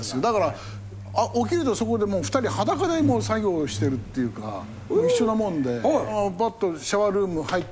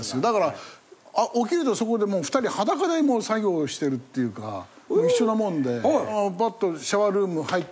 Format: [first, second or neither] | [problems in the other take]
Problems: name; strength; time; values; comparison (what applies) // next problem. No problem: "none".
second | background sound (Truck); 12 dB below the speech